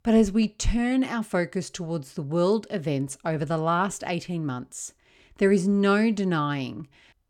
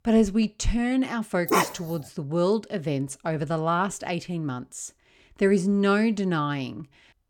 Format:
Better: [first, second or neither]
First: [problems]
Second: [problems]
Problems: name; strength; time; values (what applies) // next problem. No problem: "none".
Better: first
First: none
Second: dog barking; loud; at 1.5 s; peak 2 dB above the speech